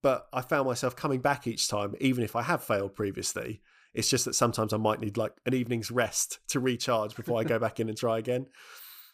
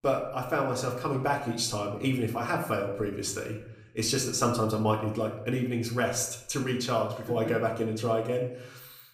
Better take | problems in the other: first | room echo; slight; dies away in 0.6 s // off-mic speech; far

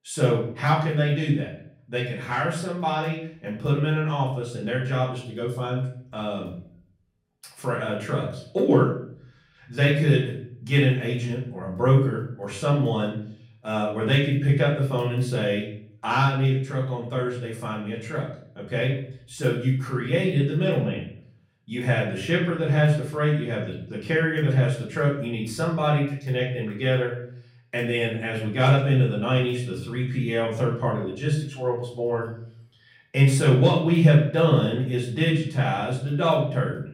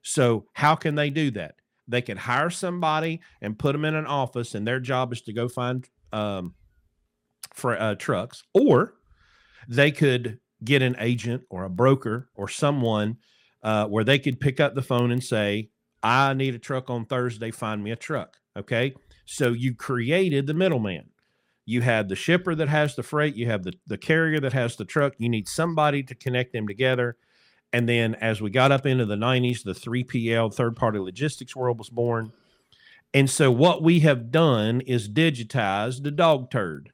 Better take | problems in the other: second | off-mic speech; far // room echo; slight; dies away in 0.5 s

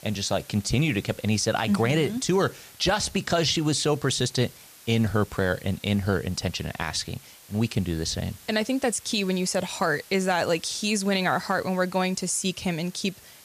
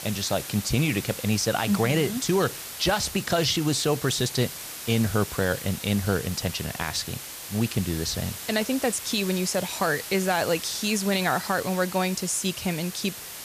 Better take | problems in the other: first | hiss; loud; throughout; 9 dB below the speech; faint in the first

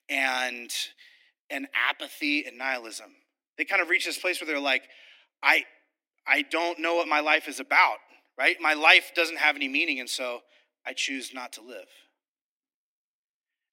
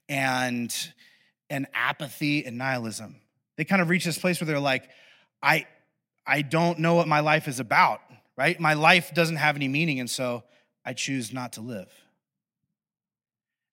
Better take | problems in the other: second | thin; somewhat; fading below 300 Hz

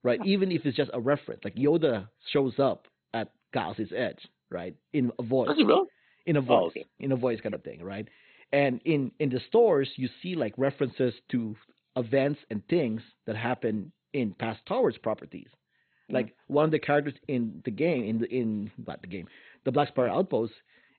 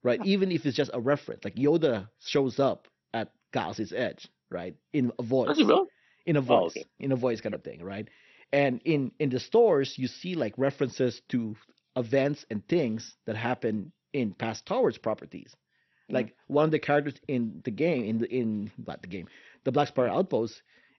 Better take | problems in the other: second | garbled, watery; badly; nothing above 4 kHz; slightly in the second

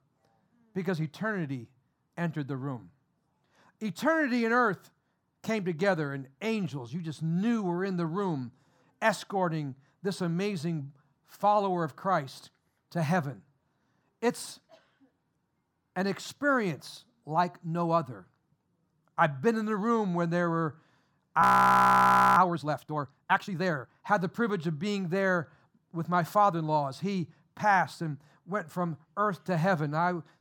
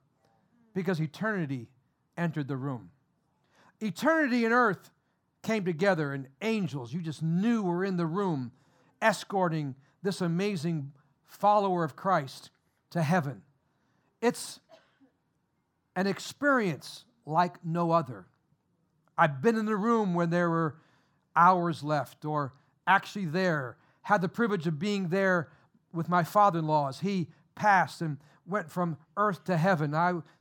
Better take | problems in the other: second | audio freezing; at 21 s for 1 s

